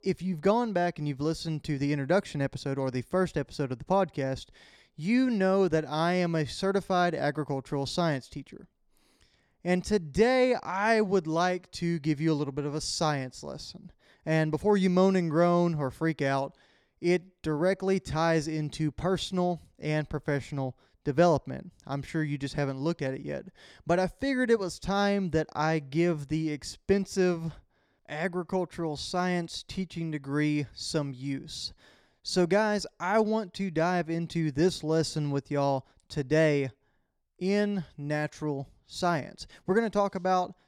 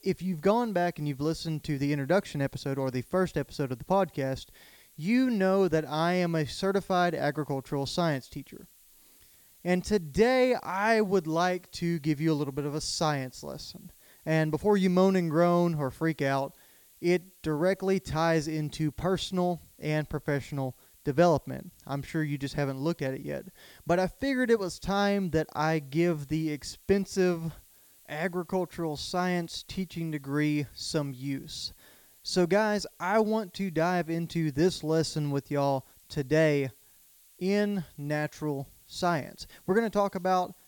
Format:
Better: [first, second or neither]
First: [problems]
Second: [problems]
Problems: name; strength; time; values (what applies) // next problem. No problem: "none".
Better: first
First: none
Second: hiss; faint; throughout; 25 dB below the speech